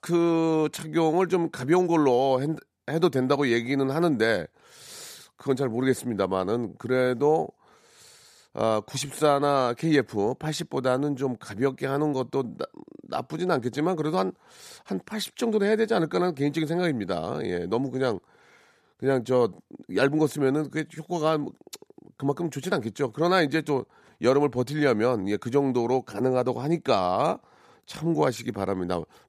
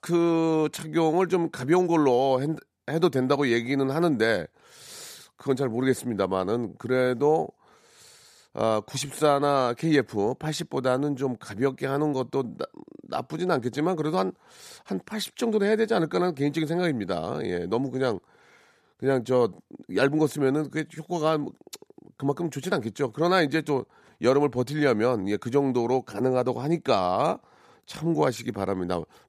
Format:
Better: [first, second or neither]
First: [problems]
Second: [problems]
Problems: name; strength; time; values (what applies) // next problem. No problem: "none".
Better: neither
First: none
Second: none